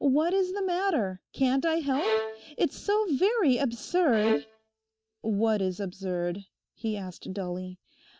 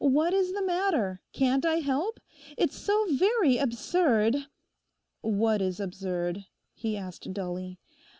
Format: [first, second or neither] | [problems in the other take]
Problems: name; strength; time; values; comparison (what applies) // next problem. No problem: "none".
second | noise reduction (neural mask model DeepFilterNet 3)